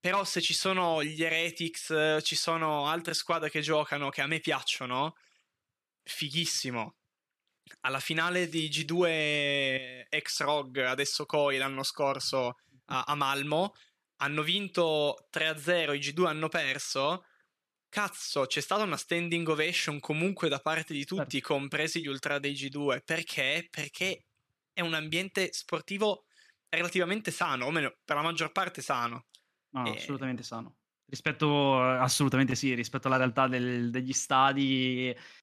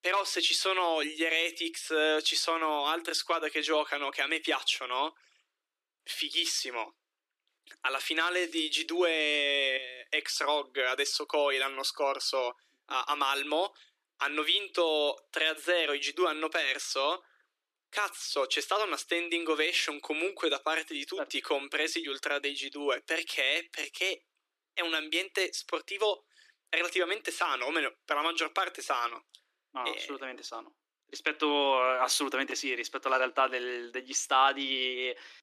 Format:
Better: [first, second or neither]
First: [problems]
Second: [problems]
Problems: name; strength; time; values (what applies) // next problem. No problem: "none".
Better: first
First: none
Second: thin; somewhat; fading below 300 Hz